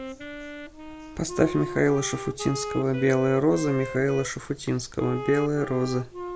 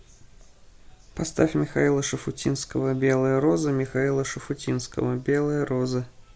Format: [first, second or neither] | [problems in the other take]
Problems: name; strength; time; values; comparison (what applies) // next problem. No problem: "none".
second | background sound (Wind instrument, woodwind instrument); 10 dB below the speech